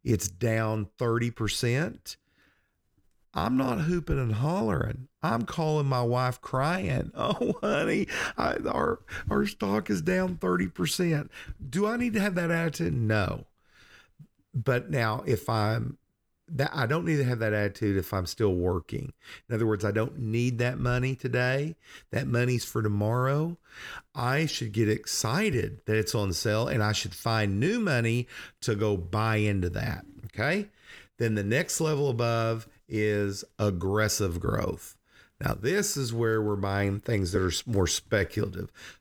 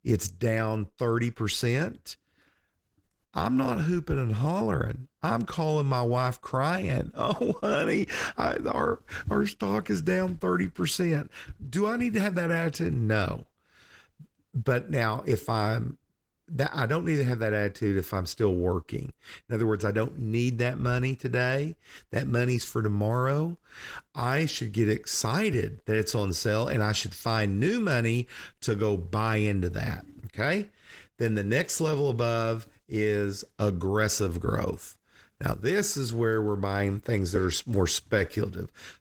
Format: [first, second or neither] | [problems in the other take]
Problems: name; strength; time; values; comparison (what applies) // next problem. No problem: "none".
first | garbled, watery; slightly